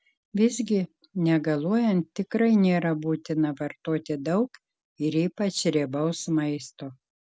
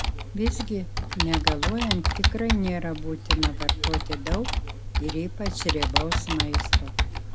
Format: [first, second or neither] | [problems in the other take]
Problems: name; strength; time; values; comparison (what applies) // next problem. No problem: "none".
first | background sound (Computer keyboard); 5 dB above the speech